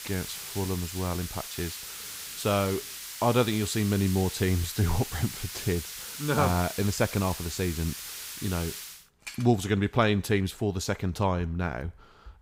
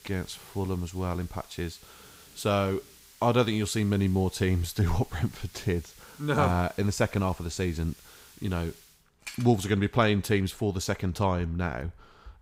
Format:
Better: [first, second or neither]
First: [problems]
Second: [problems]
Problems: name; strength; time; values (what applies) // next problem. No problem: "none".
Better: second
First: hiss; loud; until 9 s; 8 dB below the speech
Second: hiss; faint; until 9 s; 25 dB below the speech